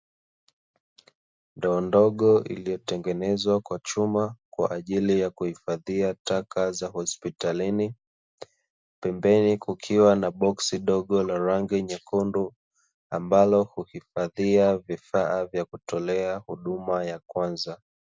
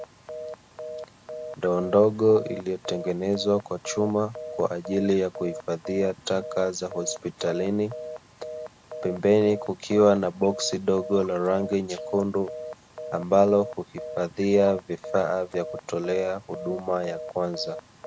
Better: first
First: none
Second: background sound (Telephone); 13 dB below the speech

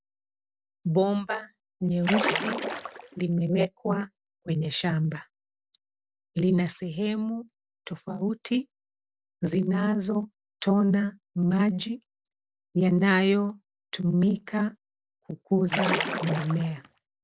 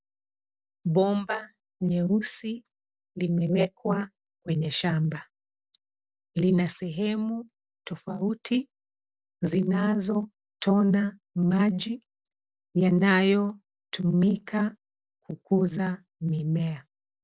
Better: second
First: background sound (Splash, splatter); 3 dB below the speech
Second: none

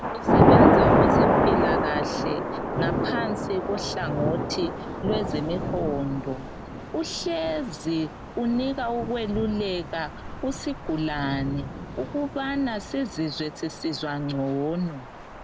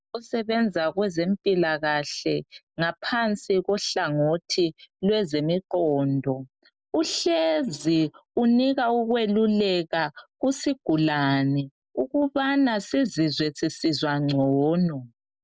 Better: second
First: background sound (Thunder / Rain); 4 dB above the speech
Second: none

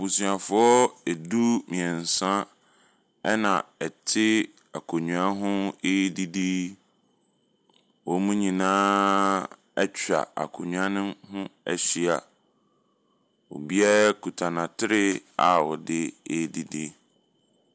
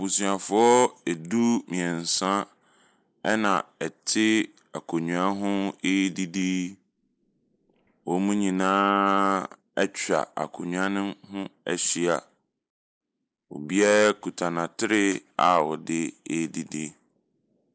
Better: first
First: none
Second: noise reduction (neural mask model Resemble Enhance denoiser)

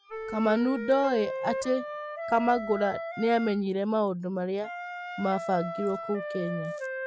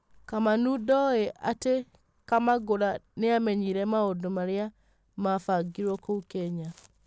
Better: second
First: noise reduction (classical method Wiener filter)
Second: none

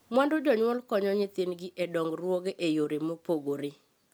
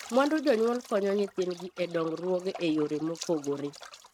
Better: first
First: none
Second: noise reduction (neural mask model RNNoise)

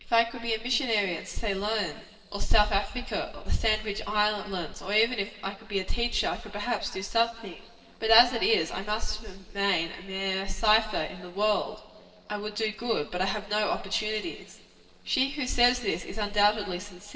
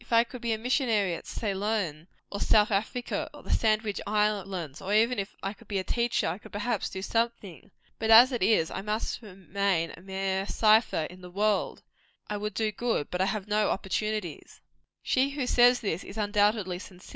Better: second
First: noise reduction (neural separator model SepFormer DNS4)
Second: none

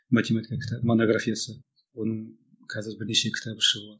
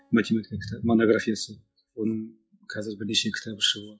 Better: first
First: none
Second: noise reduction (classical method WPE with log-MMSE)

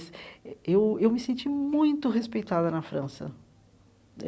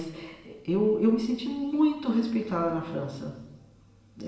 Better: first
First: none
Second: room echo; dies away in 1.1 s

